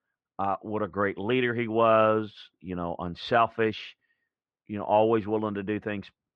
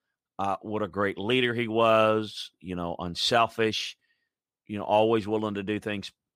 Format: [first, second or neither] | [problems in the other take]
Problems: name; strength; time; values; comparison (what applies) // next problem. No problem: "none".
second | muffled; very; fading above 2 kHz